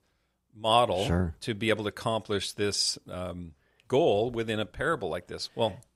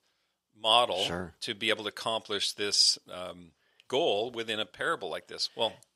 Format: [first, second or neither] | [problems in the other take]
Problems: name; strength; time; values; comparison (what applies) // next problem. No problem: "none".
first | thin; somewhat; fading below 550 Hz